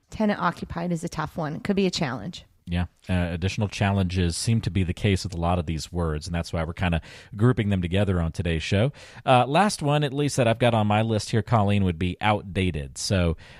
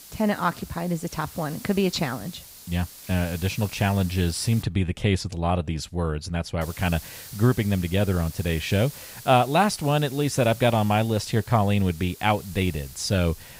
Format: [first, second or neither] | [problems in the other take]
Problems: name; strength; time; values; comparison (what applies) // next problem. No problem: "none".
first | hiss; noticeable; until 4.5 s and from 6.5 s on; 15 dB below the speech